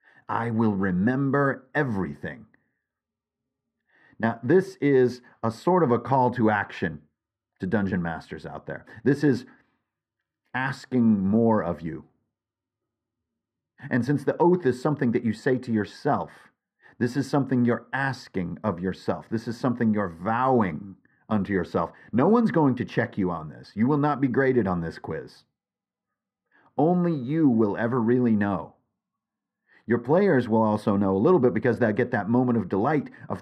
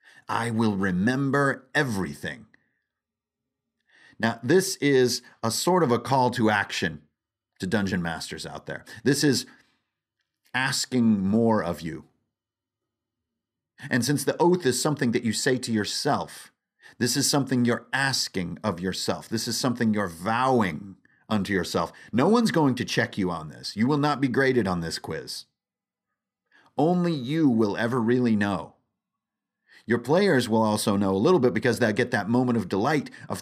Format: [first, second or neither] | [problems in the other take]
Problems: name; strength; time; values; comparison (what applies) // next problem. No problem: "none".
second | muffled; very; fading above 3 kHz